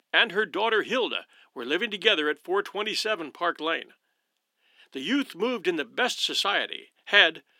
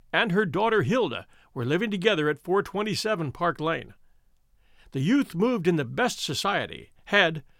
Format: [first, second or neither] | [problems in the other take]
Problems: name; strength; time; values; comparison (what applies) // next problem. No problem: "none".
second | thin; somewhat; fading below 250 Hz